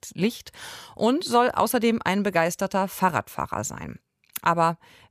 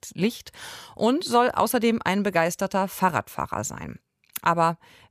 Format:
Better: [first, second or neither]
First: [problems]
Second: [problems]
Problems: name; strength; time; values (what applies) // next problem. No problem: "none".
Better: neither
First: none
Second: none